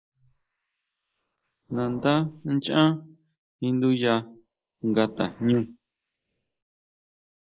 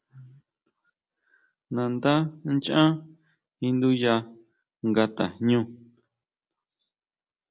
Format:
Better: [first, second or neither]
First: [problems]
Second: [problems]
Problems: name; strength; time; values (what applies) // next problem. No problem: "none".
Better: second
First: noise reduction (neural mask model Resemble Enhance denoiser)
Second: none